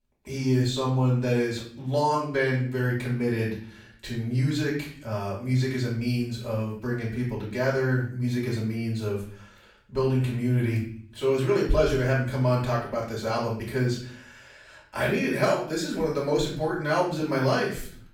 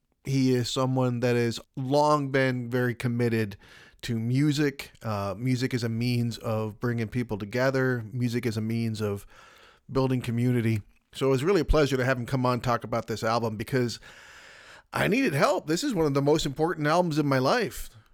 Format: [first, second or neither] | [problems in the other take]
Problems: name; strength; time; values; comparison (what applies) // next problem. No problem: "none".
second | off-mic speech; far // room echo; noticeable; dies away in 0.5 s